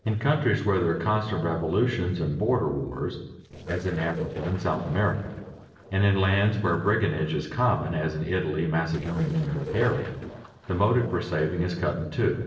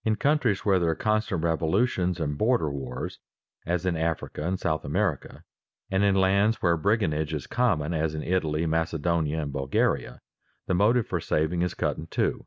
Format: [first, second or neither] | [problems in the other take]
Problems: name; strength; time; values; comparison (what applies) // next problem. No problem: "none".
second | noise reduction (neural separator model SepFormer DNS4)